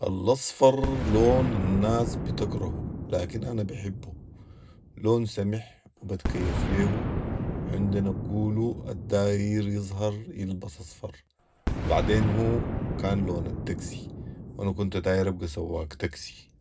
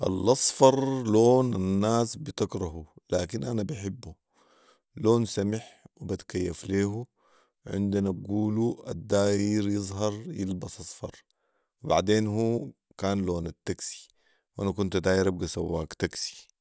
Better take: second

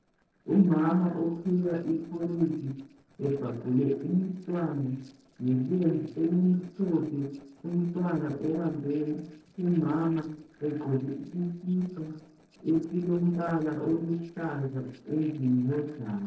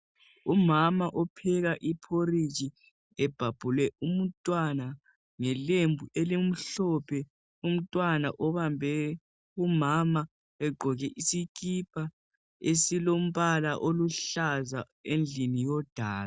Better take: second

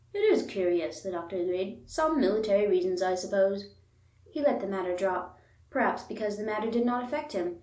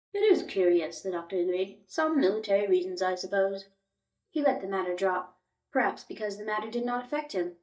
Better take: first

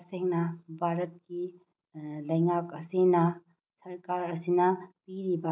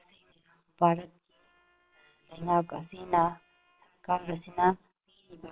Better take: first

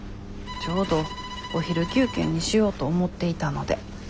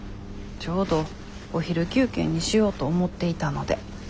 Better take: second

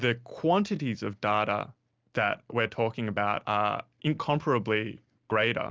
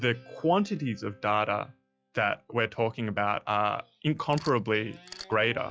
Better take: first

